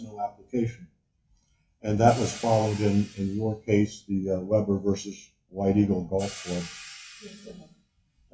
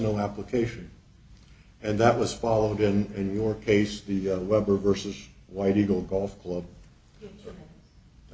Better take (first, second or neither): second